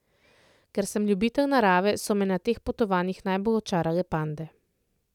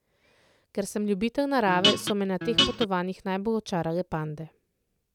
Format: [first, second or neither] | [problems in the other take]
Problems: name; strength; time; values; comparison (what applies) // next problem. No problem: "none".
first | background sound (Guitar); 3 dB above the speech